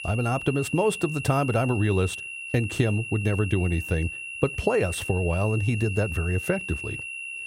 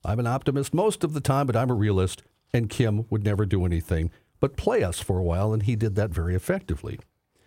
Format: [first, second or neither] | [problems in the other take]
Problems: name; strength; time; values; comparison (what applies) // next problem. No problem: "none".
second | high-pitched whine; loud; throughout; 2.5 kHz, 7 dB below the speech